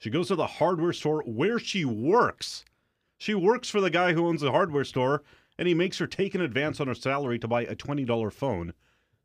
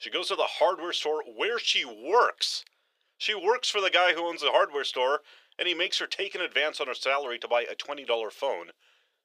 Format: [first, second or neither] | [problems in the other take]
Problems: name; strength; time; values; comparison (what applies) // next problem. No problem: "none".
first | thin; very; fading below 500 Hz